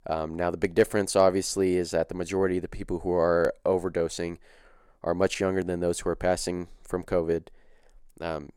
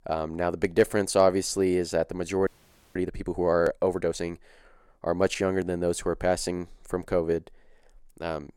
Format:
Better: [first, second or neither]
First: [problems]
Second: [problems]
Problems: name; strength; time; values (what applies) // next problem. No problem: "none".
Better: first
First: none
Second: audio freezing; at 2.5 s